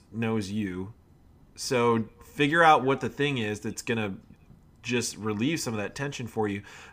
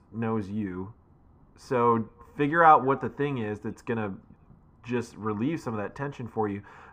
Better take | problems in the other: first | muffled; very; fading above 2 kHz

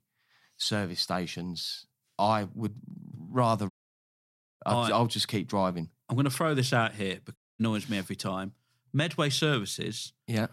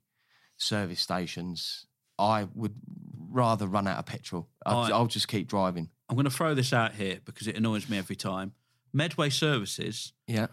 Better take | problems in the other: second | audio cutting out; at 3.5 s for 1 s and at 7.5 s

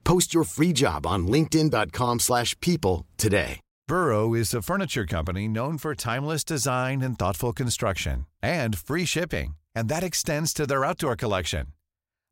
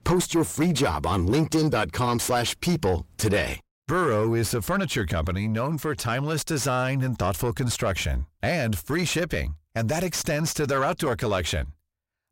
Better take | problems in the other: first | distortion; slight; 10 dB below the speech

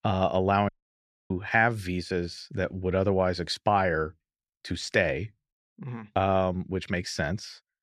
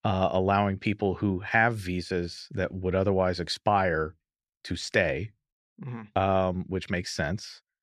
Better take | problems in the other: second | audio cutting out; at 0.5 s for 0.5 s

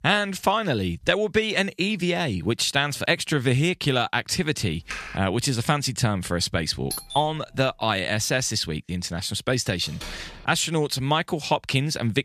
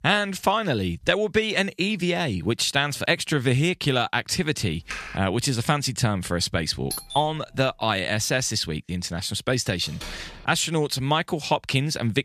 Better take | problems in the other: neither | keyboard typing; faint; at 5 s; peak 10 dB below the speech; the same in both // doorbell; noticeable; at 7 s; peak 8 dB below the speech; the same in both // door banging; faint; at 10 s; peak 15 dB below the speech; the same in both

